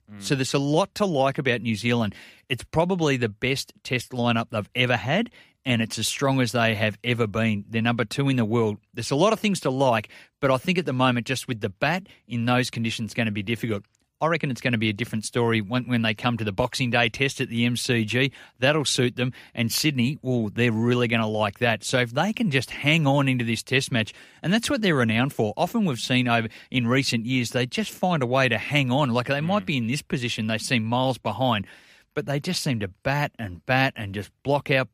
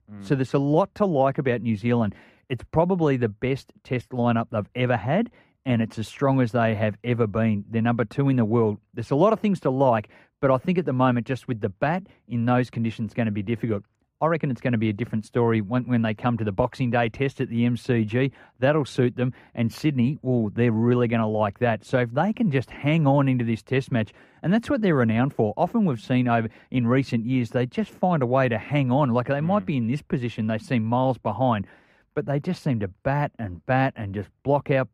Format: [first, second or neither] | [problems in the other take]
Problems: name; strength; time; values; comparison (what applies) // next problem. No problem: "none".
first | muffled; very; fading above 2 kHz